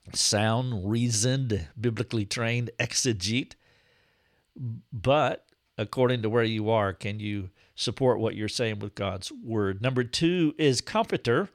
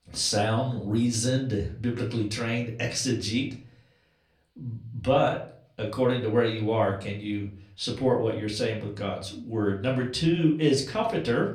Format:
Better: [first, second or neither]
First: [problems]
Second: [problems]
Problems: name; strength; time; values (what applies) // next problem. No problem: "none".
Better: first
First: none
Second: room echo; slight; dies away in 0.4 s // off-mic speech; far